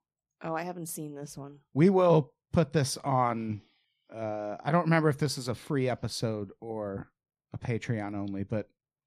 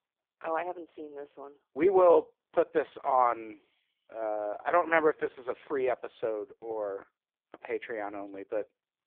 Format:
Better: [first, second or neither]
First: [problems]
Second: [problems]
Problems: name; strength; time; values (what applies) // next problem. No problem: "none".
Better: first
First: none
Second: phone-call audio; poor line